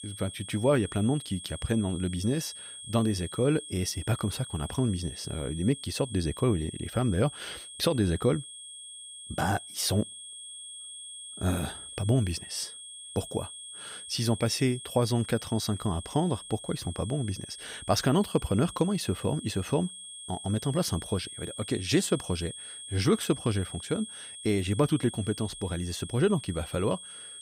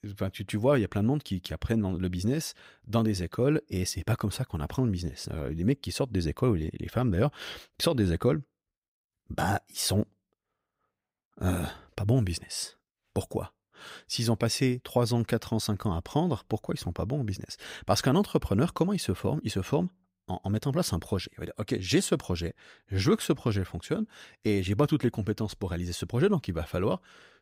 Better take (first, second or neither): second